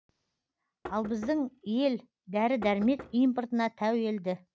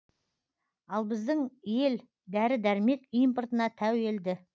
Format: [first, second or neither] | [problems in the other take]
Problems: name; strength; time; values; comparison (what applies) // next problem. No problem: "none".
second | background sound (Knock); 18 dB below the speech